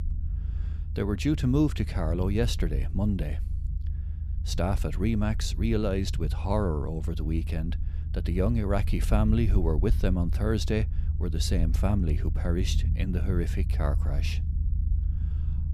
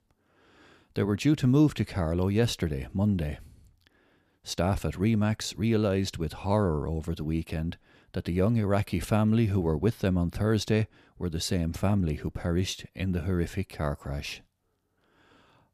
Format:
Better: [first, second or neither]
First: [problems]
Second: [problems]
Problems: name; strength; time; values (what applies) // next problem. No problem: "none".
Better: second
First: low rumble; noticeable; throughout; 15 dB below the speech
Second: none